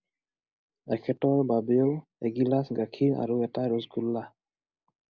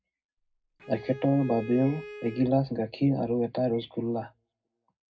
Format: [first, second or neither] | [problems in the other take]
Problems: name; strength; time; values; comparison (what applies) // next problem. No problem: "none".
first | background sound (Bowed string instrument); 15 dB below the speech // room echo; dies away in 0.3 s